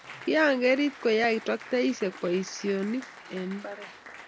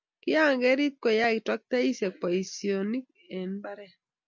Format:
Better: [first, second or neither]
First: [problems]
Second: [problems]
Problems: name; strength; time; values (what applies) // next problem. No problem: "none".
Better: second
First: background sound (Applause); 18 dB below the speech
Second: none